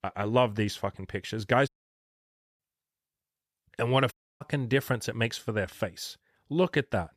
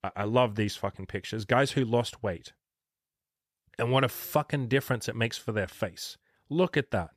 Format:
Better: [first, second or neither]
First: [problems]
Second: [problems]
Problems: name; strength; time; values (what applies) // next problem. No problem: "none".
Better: second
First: audio cutting out; at 1.5 s for 1 s and at 4 s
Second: none